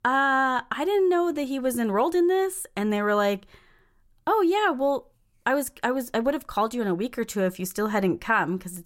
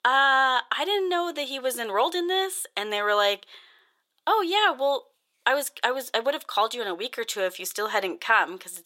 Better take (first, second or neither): first